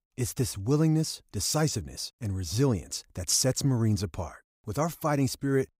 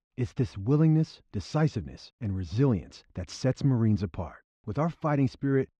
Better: first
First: none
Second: muffled; slightly; fading above 3.5 kHz

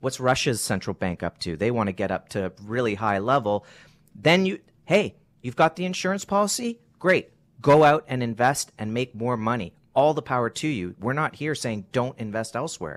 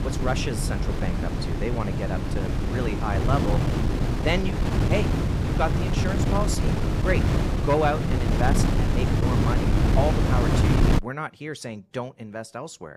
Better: first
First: none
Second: wind noise on the microphone; heavy; until 11 s; 1 dB below the speech

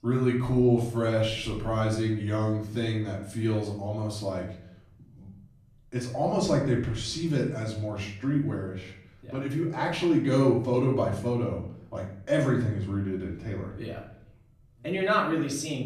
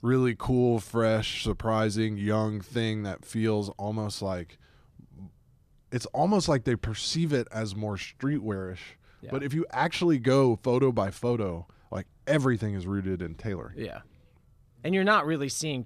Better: second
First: off-mic speech; far // room echo; slight; dies away in 0.5 s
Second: none

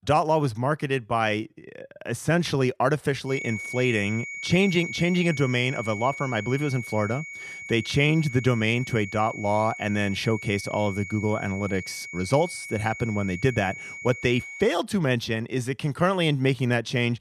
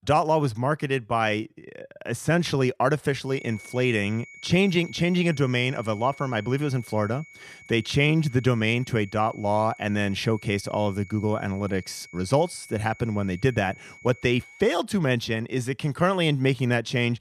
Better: second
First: high-pitched whine; loud; from 3.5 to 15 s; 2 kHz, 10 dB below the speech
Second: high-pitched whine; faint; from 3.5 to 15 s; 2 kHz, 20 dB below the speech

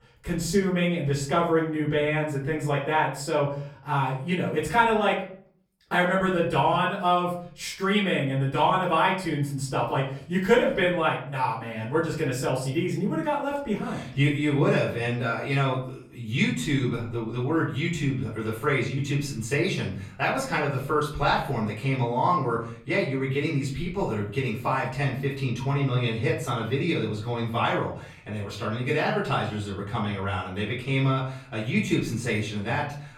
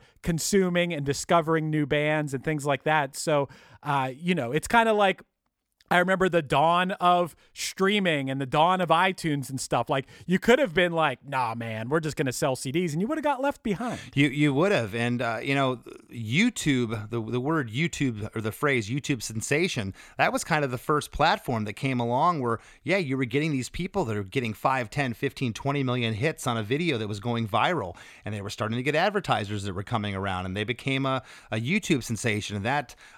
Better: second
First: off-mic speech; far // room echo; slight; dies away in 0.5 s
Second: none

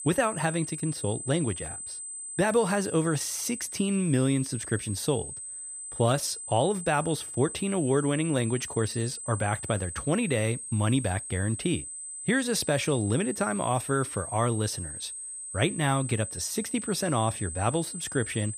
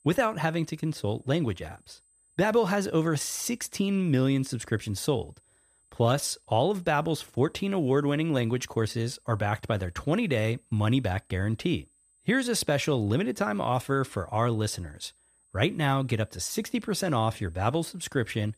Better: second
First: high-pitched whine; loud; throughout; 8 kHz, 8 dB below the speech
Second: high-pitched whine; faint; throughout; 8 kHz, 35 dB below the speech

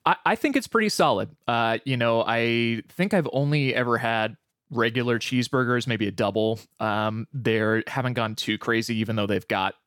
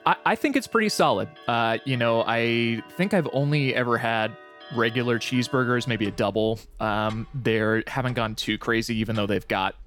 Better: first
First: none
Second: household noises; faint; throughout; 20 dB below the speech

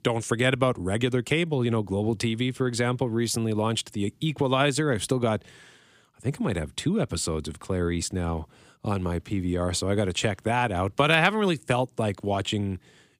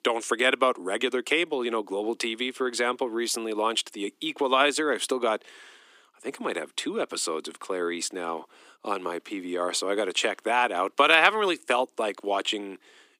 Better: first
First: none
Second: thin; somewhat; fading below 300 Hz

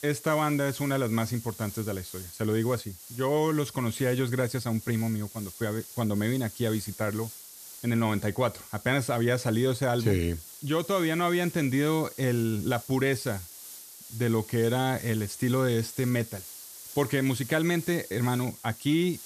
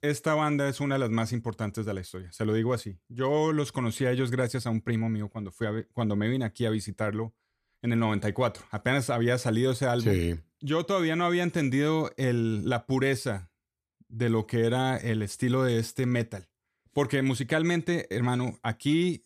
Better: second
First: hiss; noticeable; throughout; 15 dB below the speech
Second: none

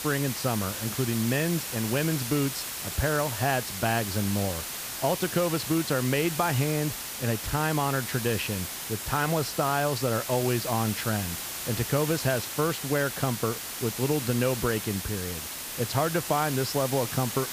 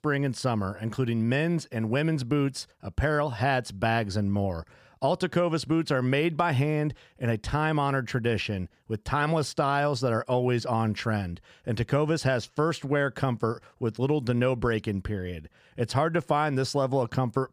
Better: second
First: hiss; loud; throughout; 4 dB below the speech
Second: none

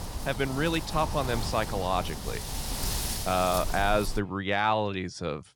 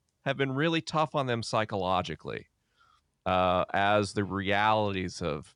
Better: second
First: wind noise on the microphone; heavy; until 4 s; 9 dB below the speech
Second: none

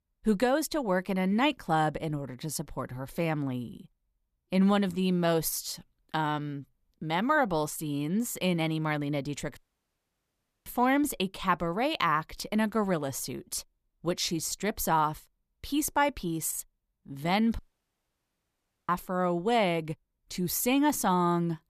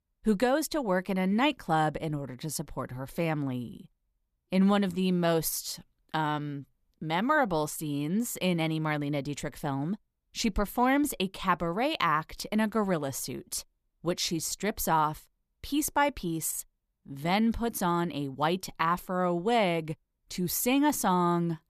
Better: second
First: audio cutting out; at 9.5 s for 1 s and at 18 s for 1.5 s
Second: none

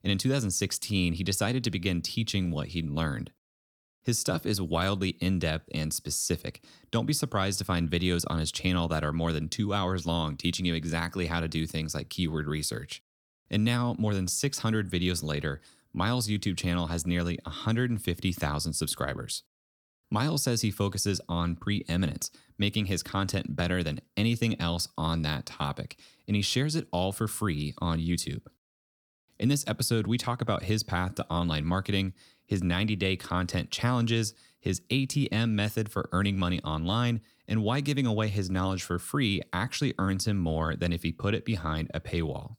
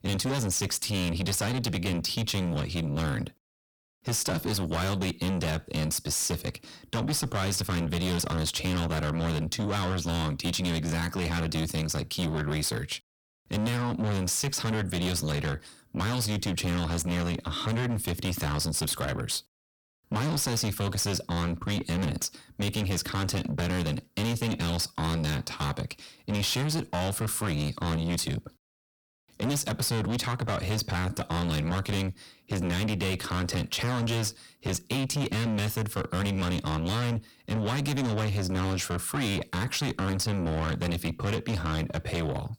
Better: first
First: none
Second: distortion; heavy; 6 dB below the speech

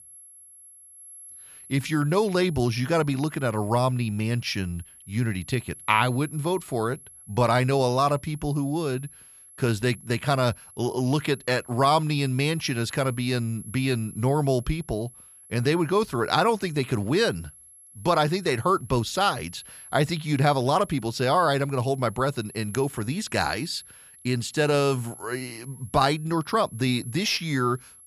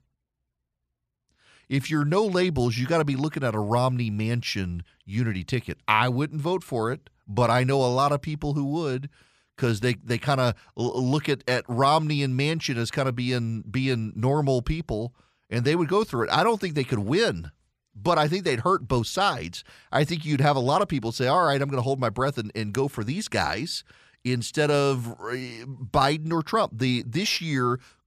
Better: second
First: high-pitched whine; noticeable; throughout; 11 kHz, 20 dB below the speech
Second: none

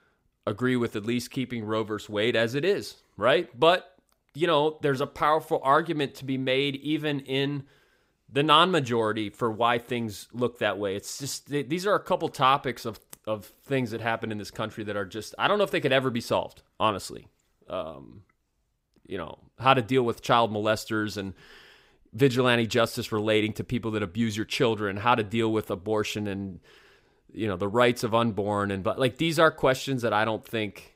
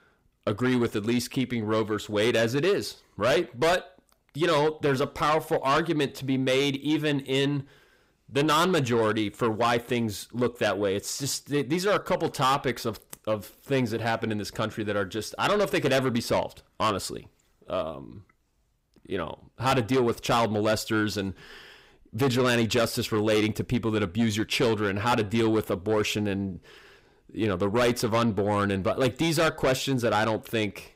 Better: first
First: none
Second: distortion; heavy; 7 dB below the speech

